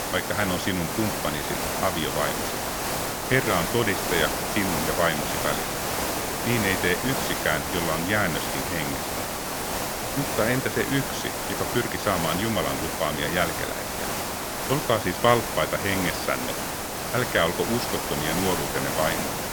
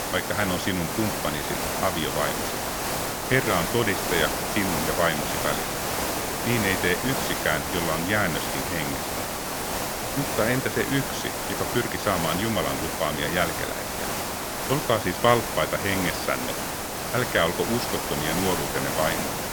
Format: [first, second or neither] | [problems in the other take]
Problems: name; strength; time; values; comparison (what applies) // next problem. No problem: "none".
neither | hiss; loud; throughout; 1 dB below the speech; the same in both